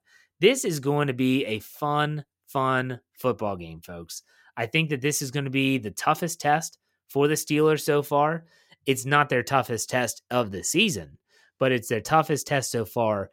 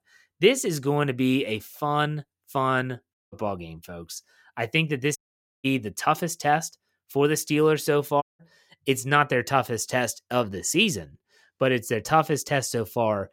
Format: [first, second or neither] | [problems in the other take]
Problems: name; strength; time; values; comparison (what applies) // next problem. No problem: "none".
first | audio cutting out; at 3 s, at 5 s and at 8 s